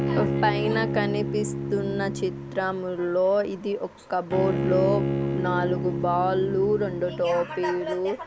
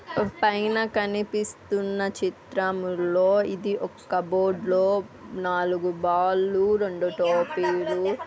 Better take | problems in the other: second | background sound (Bowed string instrument); 3 dB below the speech

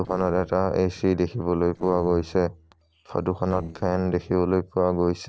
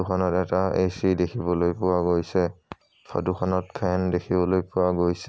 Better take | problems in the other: second | noise reduction (neural separator model SepFormer DNS4)

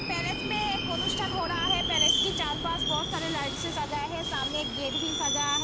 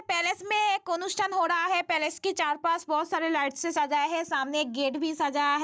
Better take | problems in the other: second | background sound (Subway, metro, underground); 3 dB above the speech

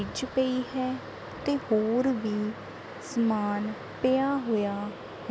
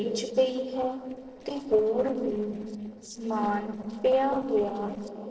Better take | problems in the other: first | noise reduction (neural separator model SepFormer DNS4)

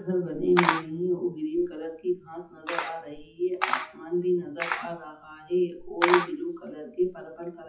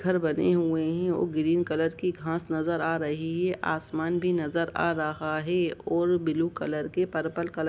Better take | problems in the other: second | noise reduction (classical method WPE with log-MMSE)

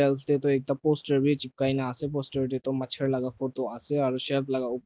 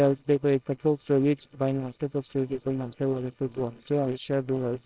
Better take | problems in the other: first | noise reduction (neural separator model SepFormer WHAMR!)

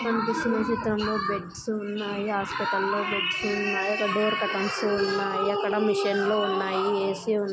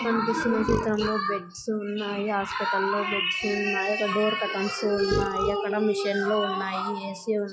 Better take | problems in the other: first | noise reduction (classical method log-MMSE)

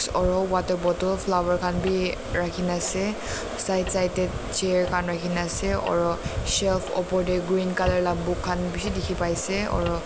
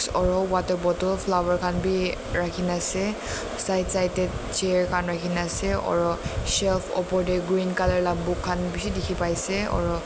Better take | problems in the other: second | background sound (Tick-tock); 18 dB below the speech

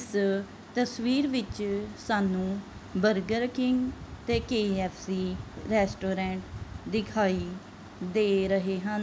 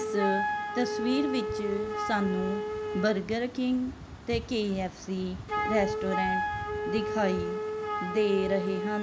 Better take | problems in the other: first | background sound (Wind instrument, woodwind instrument); 2 dB below the speech

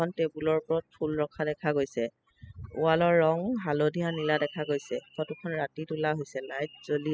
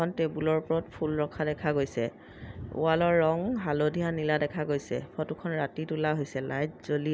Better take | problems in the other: second | noise reduction (classical method spectral subtraction)

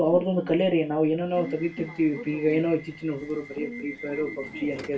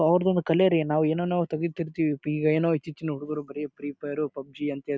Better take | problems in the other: second | background sound (Subway, metro, underground / Alarm); 14 dB below the speech // room echo; dies away in 0.2 s

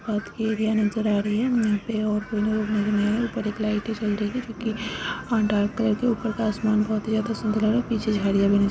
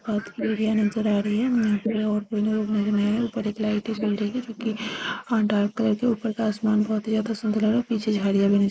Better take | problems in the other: first | noise reduction (neural mask model Resemble Enhance denoiser)

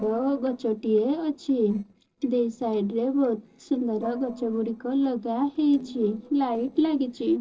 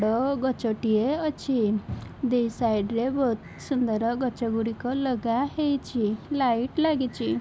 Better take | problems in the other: second | noise reduction (neural separator model SepFormer DNS4)

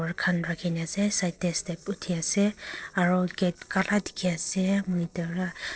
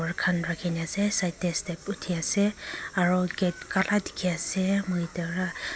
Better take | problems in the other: second | noise reduction (neural separator model SepFormer DNS4)

